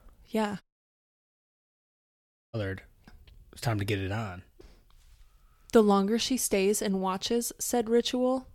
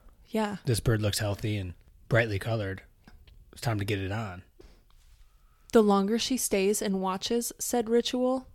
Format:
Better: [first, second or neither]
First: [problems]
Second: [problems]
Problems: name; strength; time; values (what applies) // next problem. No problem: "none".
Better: second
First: audio cutting out; at 0.5 s for 2 s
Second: none